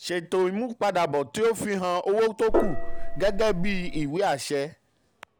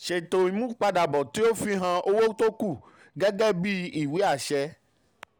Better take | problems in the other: second | background sound (Gong); 2 dB above the speech

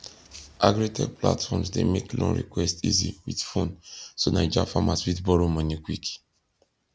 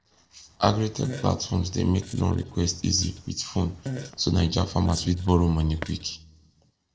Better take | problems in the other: first | noise reduction (neural separator model SepFormer DNS4)

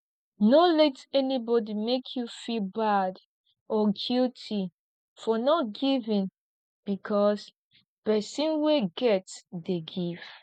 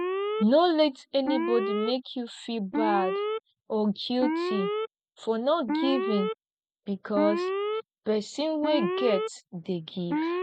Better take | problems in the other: first | background sound (Alarm); 3 dB below the speech

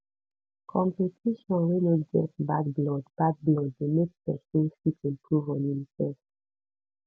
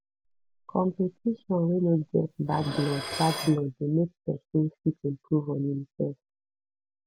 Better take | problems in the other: first | background sound (Dishes, pots, and pans); 11 dB below the speech

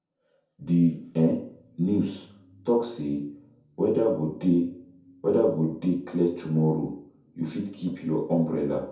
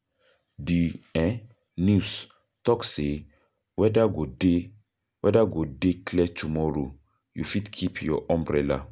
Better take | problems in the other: second | room echo; dies away in 0.6 s

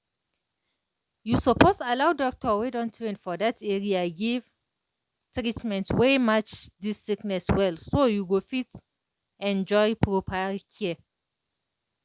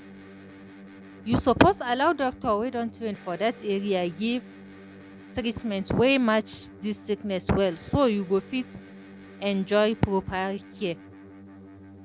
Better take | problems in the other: first | background sound (Electric guitar); 19 dB below the speech

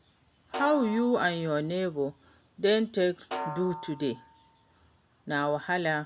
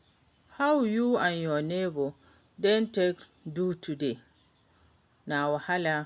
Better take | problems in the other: second | background sound (Snare drum); 12 dB below the speech

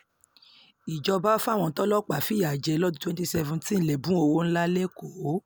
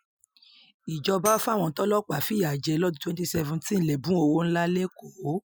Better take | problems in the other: first | noise reduction (classical method Wiener filter)

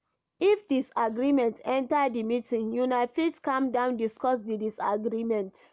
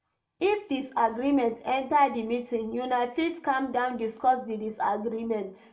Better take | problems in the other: first | room echo; dies away in 0.4 s

